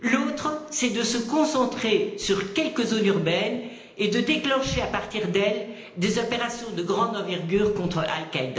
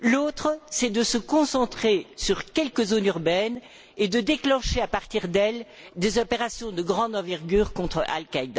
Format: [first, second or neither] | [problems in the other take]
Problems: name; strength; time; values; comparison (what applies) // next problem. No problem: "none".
second | room echo; dies away in 0.9 s